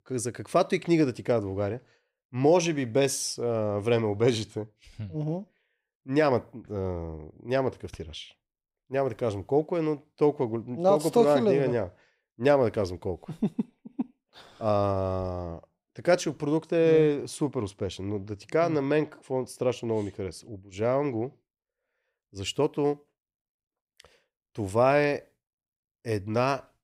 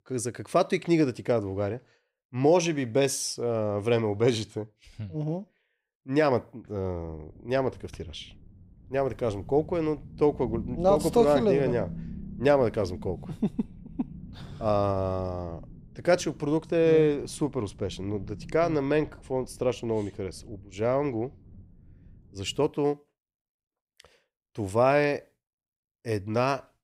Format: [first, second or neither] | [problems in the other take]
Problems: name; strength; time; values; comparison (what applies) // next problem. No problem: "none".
first | low rumble; faint; from 7 to 23 s; 25 dB below the speech